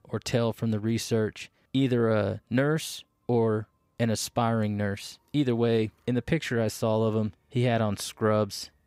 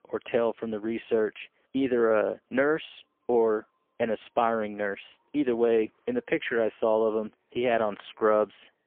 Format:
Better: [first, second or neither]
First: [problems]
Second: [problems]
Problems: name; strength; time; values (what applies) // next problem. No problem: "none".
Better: first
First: none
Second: phone-call audio; poor line; nothing above 3.5 kHz